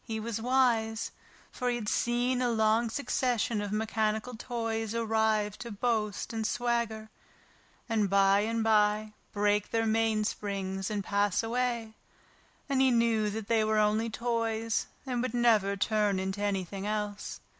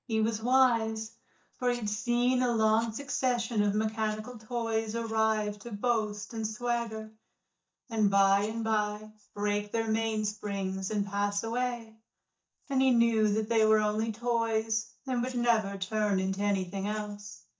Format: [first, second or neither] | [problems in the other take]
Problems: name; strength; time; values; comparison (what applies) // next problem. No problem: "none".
first | noise reduction (neural mask model DeepFilterNet 3)